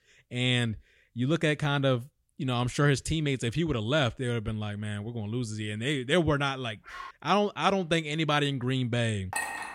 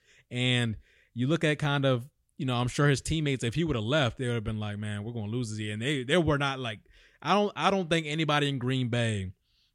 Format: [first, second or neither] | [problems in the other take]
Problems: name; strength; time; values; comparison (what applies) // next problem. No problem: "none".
second | dog barking; faint; at 7 s; peak 15 dB below the speech // clattering dishes; noticeable; at 9.5 s; peak 4 dB below the speech